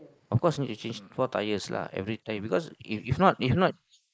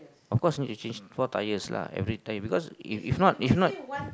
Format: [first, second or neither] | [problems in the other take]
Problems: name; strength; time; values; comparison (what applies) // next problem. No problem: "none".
second | noise reduction (neural mask model Resemble Enhance denoiser)